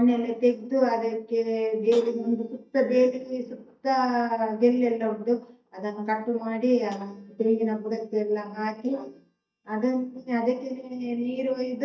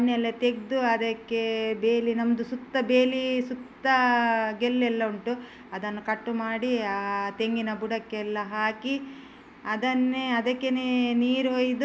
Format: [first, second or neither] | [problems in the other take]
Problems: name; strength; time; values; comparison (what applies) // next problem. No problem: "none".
second | noise reduction (neural mask model DeepFilterNet 3)